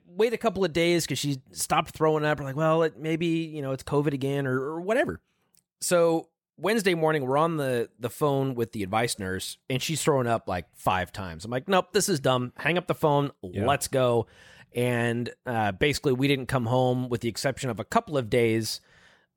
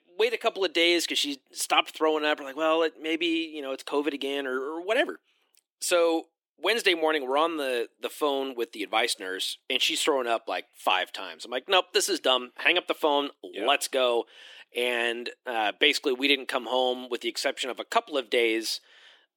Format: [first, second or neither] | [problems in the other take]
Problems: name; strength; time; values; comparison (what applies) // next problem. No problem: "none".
first | thin; somewhat; fading below 300 Hz